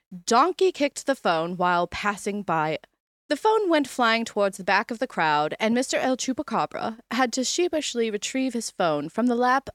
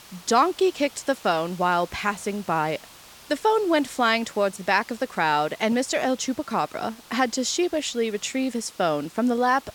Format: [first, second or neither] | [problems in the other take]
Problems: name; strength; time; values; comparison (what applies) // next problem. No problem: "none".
first | hiss; faint; throughout; 20 dB below the speech